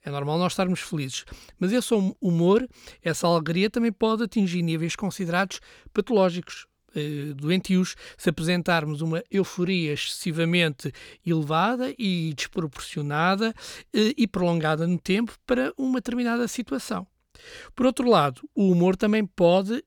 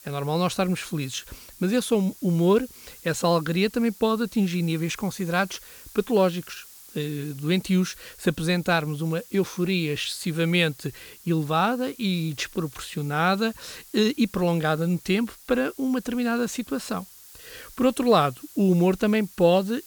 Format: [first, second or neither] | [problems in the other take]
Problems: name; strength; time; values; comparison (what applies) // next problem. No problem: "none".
first | hiss; faint; throughout; 20 dB below the speech